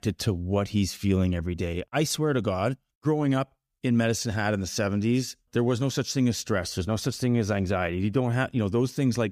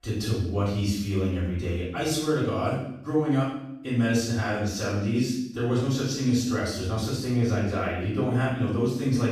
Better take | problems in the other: first | off-mic speech; far // room echo; noticeable; dies away in 0.7 s

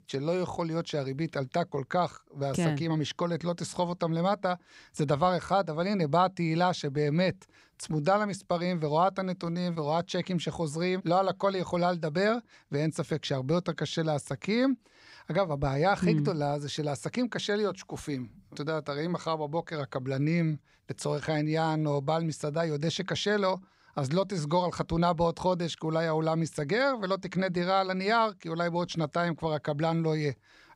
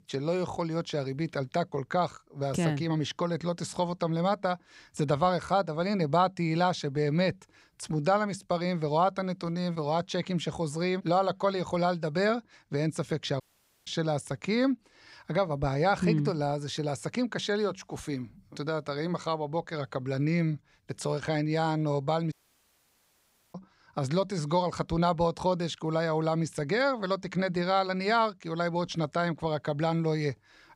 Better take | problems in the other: first | audio cutting out; at 13 s and at 22 s for 1 s

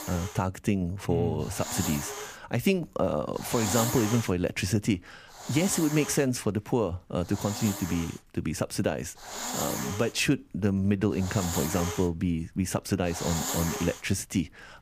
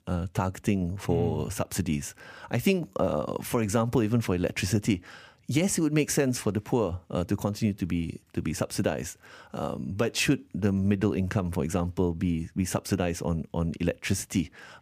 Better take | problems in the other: second | hiss; loud; throughout; 6 dB below the speech

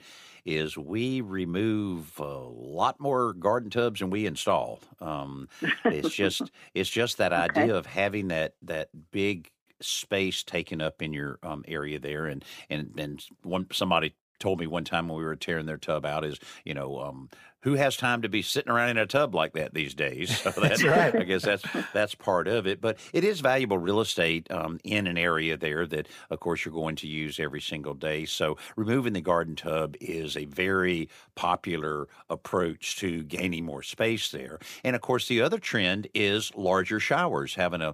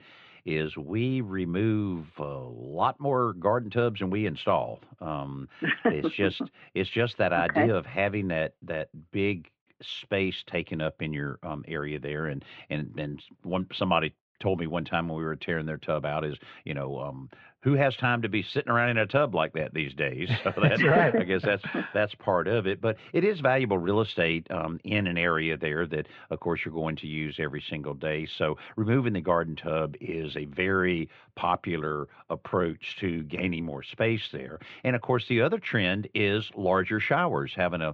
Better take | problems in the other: first | muffled; very; fading above 3 kHz

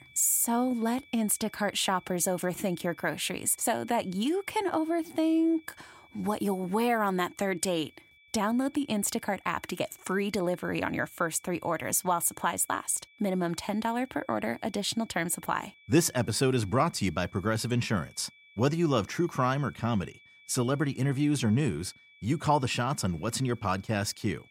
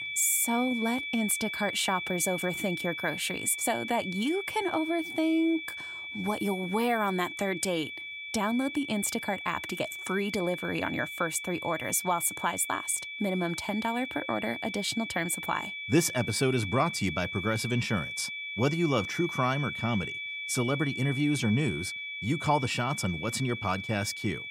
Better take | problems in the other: first | high-pitched whine; loud; throughout; 2.5 kHz, 6 dB below the speech; faint in the first

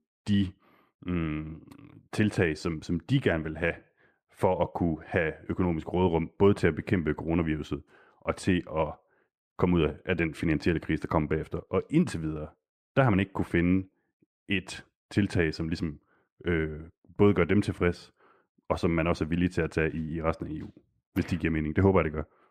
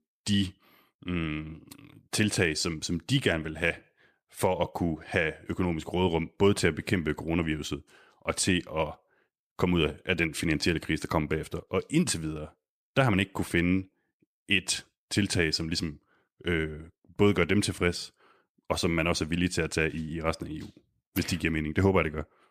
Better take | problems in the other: second | muffled; slightly; fading above 2.5 kHz

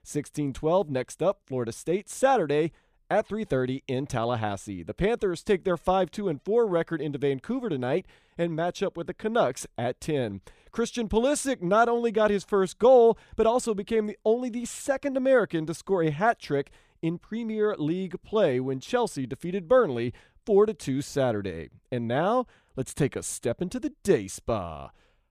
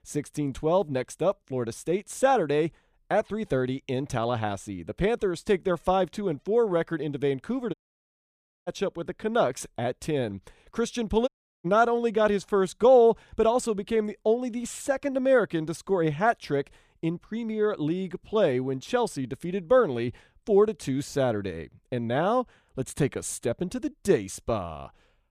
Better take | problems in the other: first | audio cutting out; at 7.5 s for 1 s and at 11 s

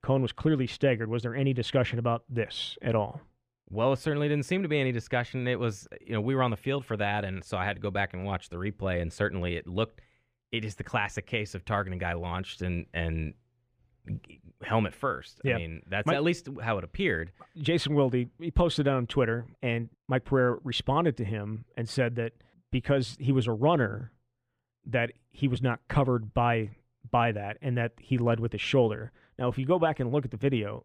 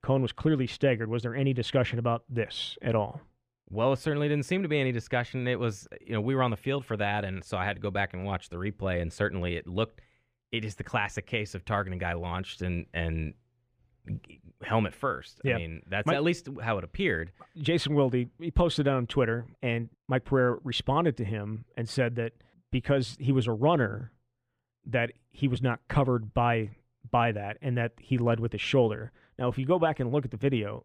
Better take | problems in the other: neither | muffled; slightly; fading above 4 kHz; the same in both

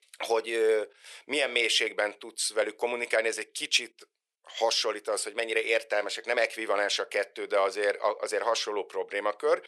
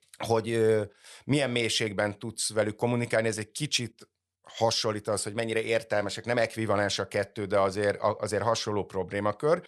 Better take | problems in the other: second | thin; very; fading below 400 Hz

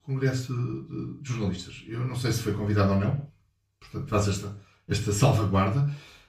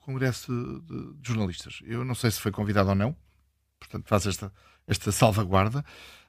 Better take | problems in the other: second | room echo; slight; dies away in 0.3 s // off-mic speech; far

